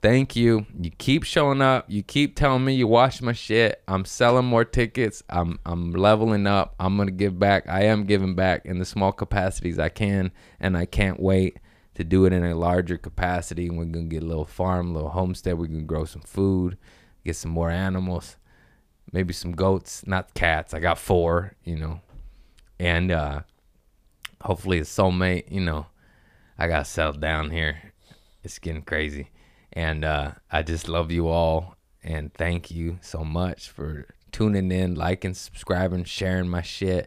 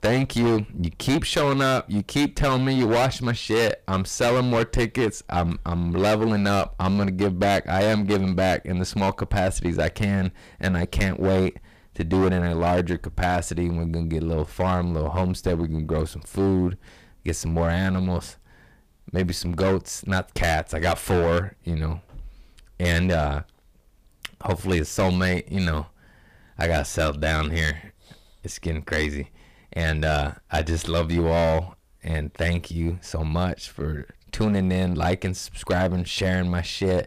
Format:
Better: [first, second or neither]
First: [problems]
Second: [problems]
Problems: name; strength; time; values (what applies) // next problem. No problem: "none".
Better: first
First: none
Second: distortion; heavy; 11% of the sound clipped